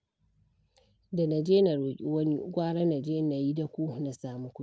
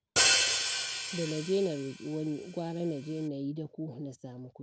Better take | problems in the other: first | background sound (Hi-hat); 4 dB above the speech

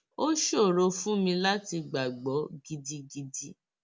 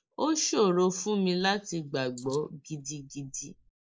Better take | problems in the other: first | noise reduction (neural mask model Resemble Enhance denoiser)

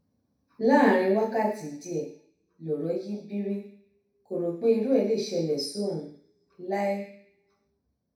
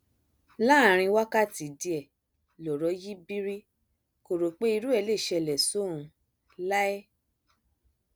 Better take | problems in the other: second | room echo; dies away in 0.6 s

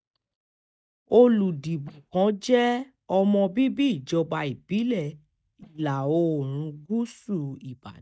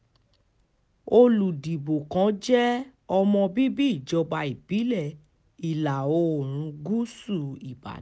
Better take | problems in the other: second | noise reduction (neural mask model DeepFilterNet 3)

